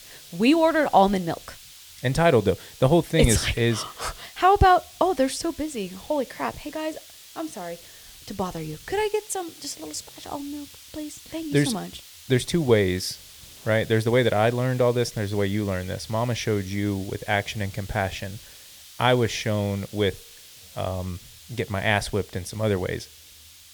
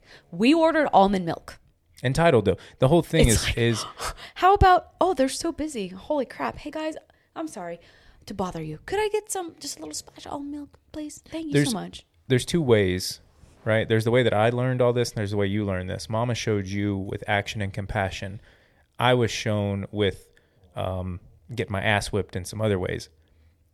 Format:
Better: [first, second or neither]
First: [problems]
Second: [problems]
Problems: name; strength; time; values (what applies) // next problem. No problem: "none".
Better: second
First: hiss; noticeable; throughout; 20 dB below the speech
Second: none